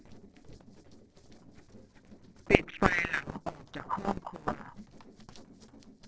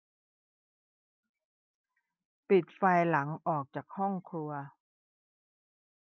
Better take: second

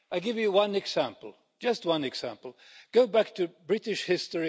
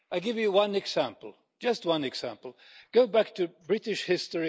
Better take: first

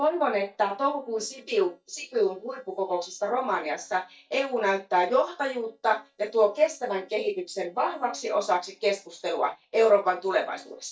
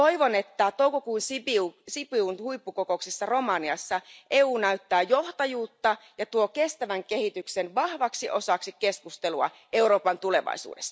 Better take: second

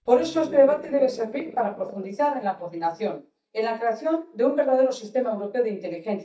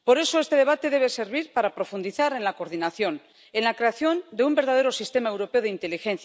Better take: second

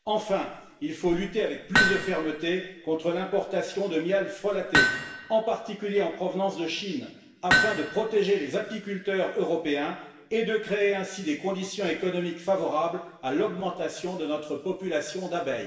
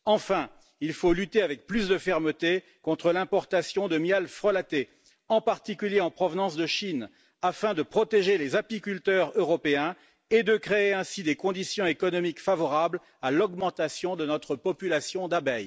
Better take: second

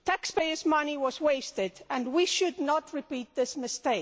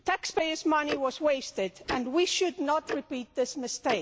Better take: first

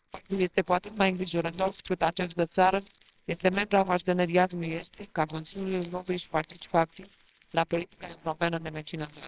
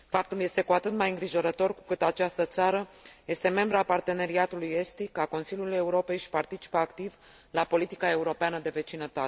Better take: second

